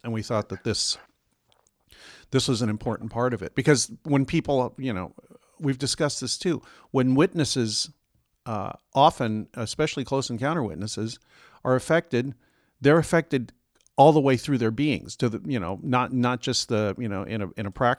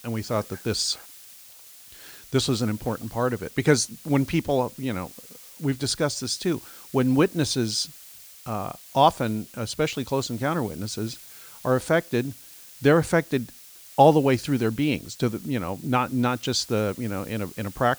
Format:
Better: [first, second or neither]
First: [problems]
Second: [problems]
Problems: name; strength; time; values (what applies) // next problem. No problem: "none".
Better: first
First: none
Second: hiss; noticeable; throughout; 20 dB below the speech